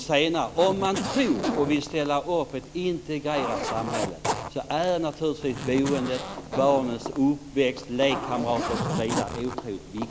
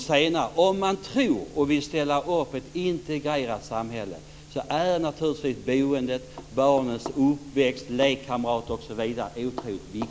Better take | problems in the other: second | background sound (Zipper (clothing)); 7 dB below the speech

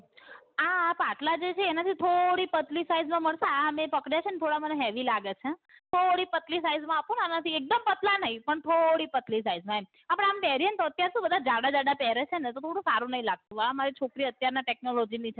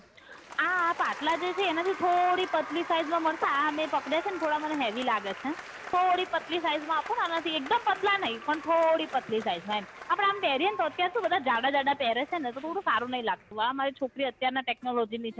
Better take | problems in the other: first | background sound (Applause); 15 dB below the speech

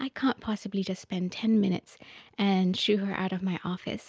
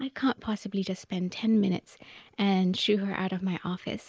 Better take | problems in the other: first | noise reduction (neural mask model Resemble Enhance denoiser)

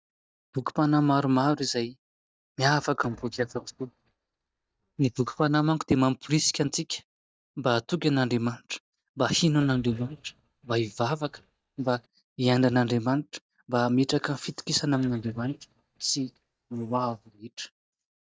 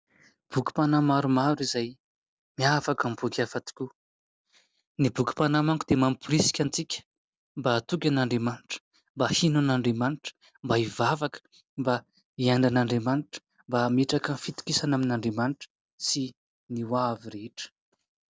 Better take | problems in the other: second | noise reduction (neural mask model DeepFilterNet 3)

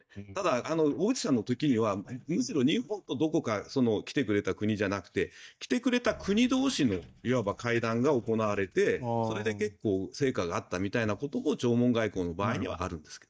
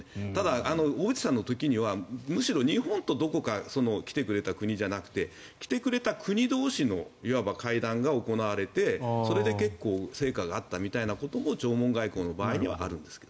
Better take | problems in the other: second | noise reduction (neural mask model DeepFilterNet 3)

